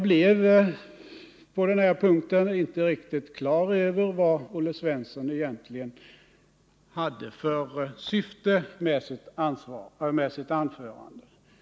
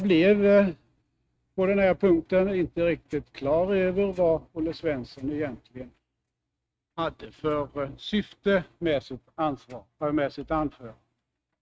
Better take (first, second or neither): first